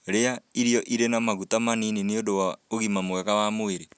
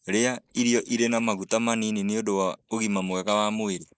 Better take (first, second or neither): first